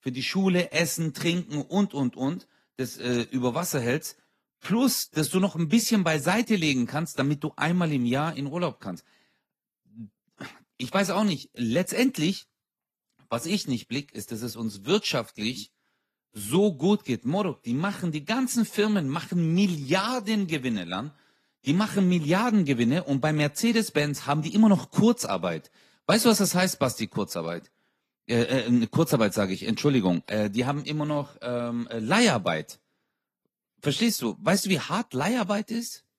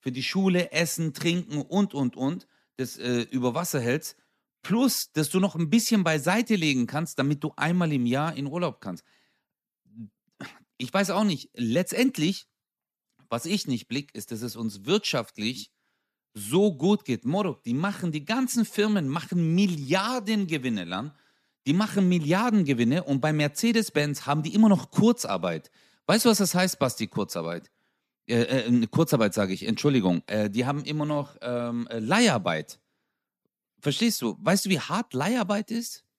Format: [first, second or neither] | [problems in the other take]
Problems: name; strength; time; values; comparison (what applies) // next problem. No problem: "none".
second | garbled, watery; slightly; nothing above 14.5 kHz